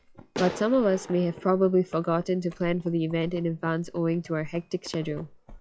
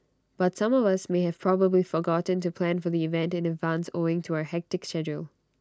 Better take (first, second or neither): second